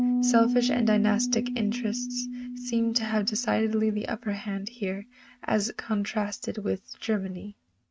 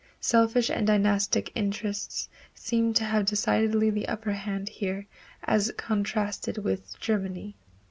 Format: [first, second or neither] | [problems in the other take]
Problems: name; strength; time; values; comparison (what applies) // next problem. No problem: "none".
second | noise reduction (neural mask model RNNoise)